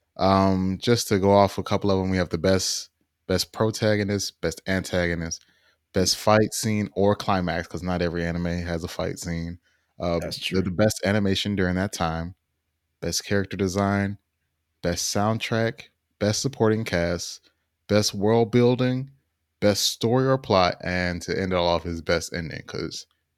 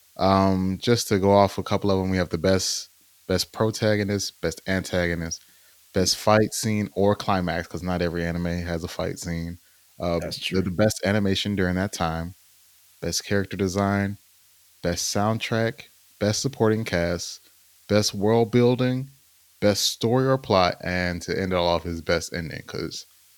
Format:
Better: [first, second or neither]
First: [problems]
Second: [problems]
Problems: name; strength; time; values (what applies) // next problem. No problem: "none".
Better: first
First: none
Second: hiss; faint; throughout; 30 dB below the speech